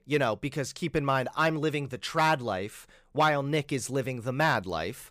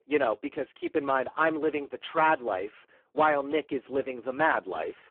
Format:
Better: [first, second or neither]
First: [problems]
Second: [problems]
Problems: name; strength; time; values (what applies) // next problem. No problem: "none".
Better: first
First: none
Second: phone-call audio; poor line